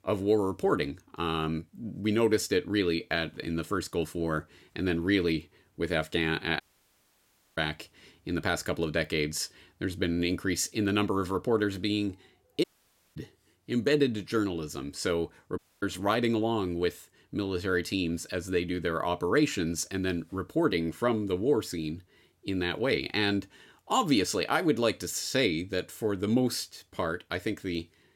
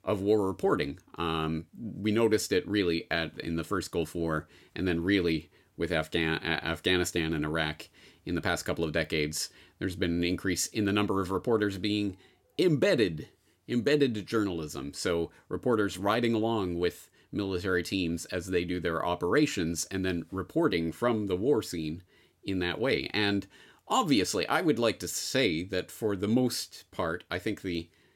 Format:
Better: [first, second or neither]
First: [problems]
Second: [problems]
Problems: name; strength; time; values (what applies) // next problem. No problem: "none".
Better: second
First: audio cutting out; at 6.5 s for 1 s, at 13 s for 0.5 s and at 16 s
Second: none